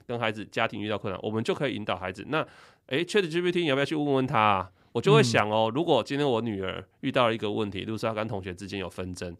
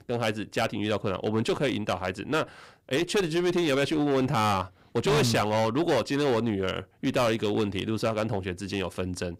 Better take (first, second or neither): first